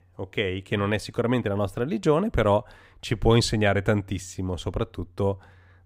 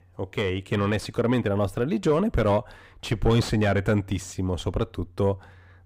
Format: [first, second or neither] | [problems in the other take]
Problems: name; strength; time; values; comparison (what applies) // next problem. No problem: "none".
first | distortion; slight; 10 dB below the speech